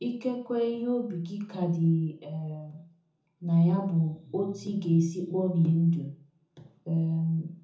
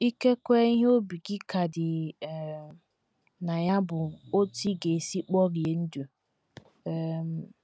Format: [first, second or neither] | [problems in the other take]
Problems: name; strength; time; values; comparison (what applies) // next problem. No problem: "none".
second | room echo; dies away in 0.6 s